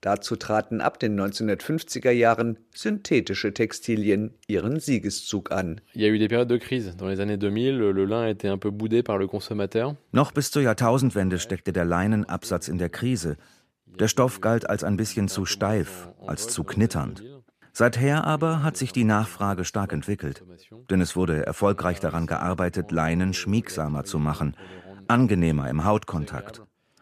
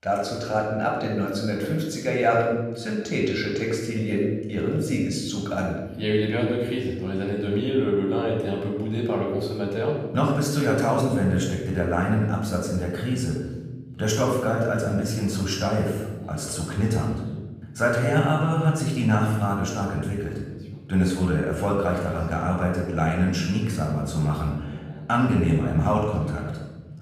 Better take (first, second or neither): first